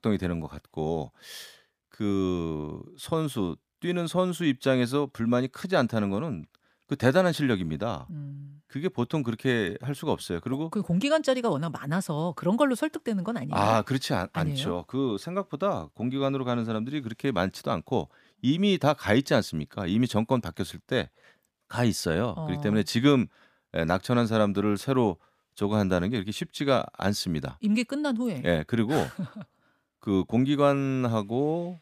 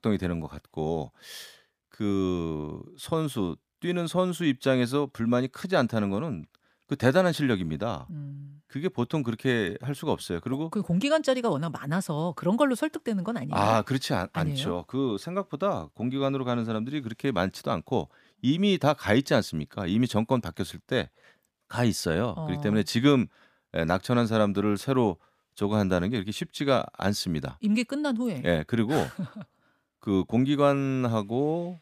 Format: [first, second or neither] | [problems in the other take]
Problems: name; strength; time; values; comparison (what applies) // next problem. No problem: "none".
neither | none